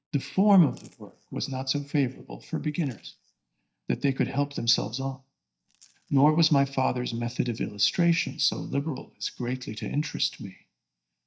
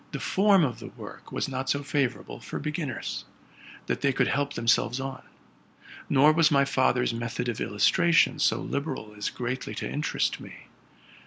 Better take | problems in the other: second | noise reduction (neural mask model DeepFilterNet 3)

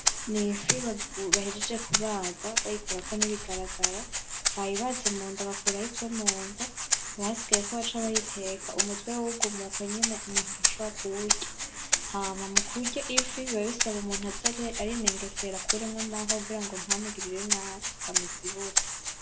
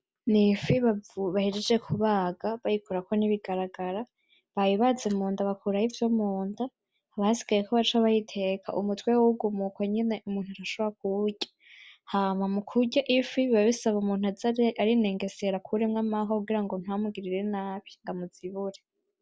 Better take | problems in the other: second | background sound (Rattle (instrument)); 4 dB above the speech // room echo; dies away in 0.3 s

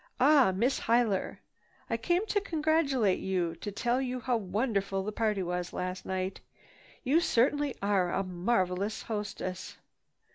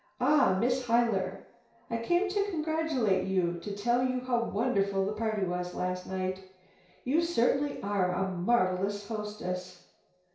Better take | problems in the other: first | room echo; dies away in 0.6 s

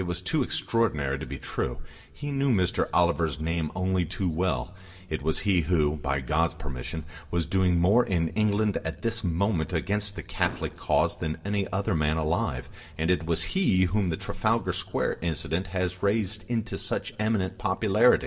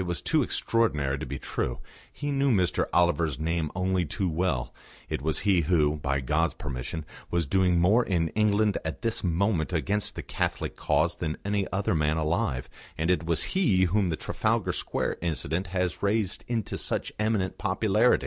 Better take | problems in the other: second | background sound (Explosion); 16 dB below the speech // room echo; dies away in 1.4 s

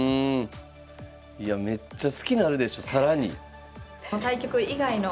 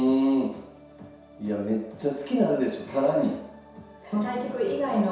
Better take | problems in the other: first | room echo; dies away in 0.7 s

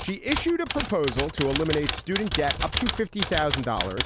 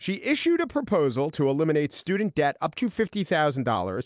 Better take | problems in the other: second | background sound (Typewriter); 4 dB below the speech

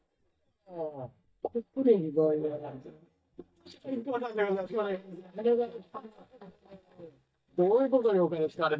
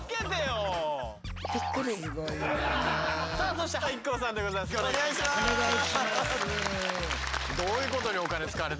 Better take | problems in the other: second | noise reduction (neural mask model DeepFilterNet 3)

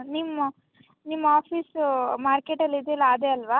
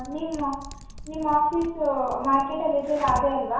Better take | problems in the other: first | background sound (Typing); 15 dB below the speech // room echo; dies away in 0.7 s

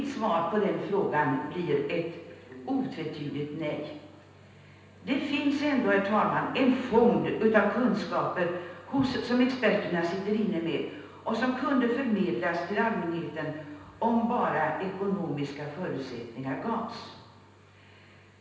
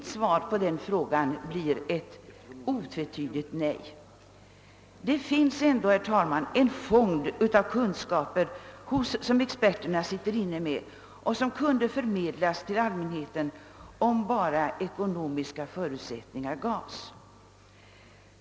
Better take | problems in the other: second | room echo; dies away in 0.9 s

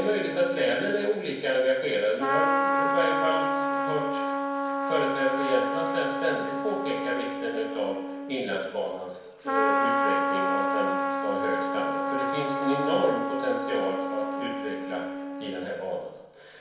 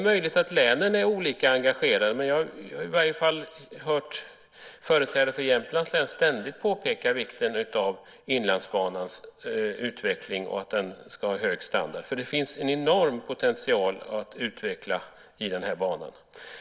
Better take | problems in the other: second | background sound (Trumpet); 1 dB above the speech // room echo; dies away in 0.9 s

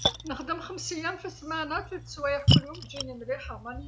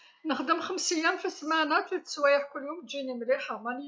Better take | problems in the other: second | background sound (Splash, splatter); 4 dB above the speech

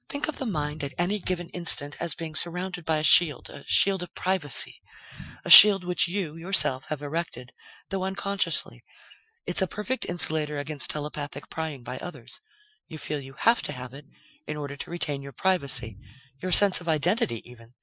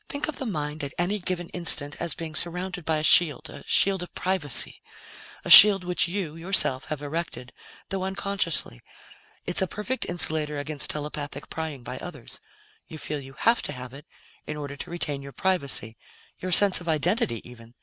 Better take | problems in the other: second | noise reduction (classical method Wiener filter)

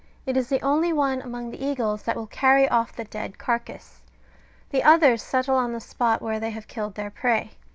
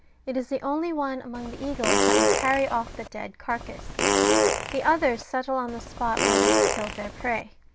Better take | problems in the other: first | background sound (Fart); 4 dB above the speech

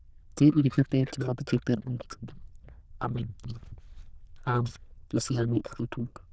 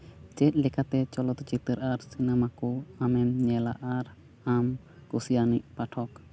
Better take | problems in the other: second | noise reduction (neural diffusion model UNIVERSE++)

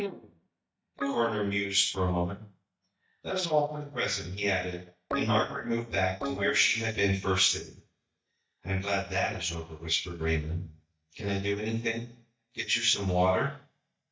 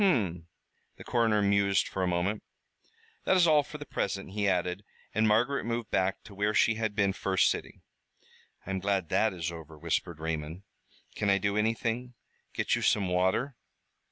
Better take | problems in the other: second | noise reduction (neural mask model DeepFilterNet 3)

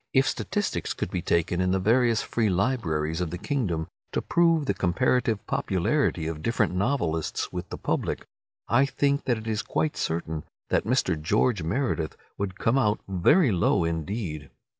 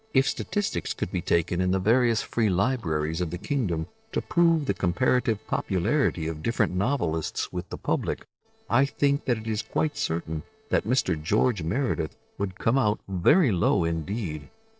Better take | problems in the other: first | noise reduction (neural separator model SepFormer DNS4)

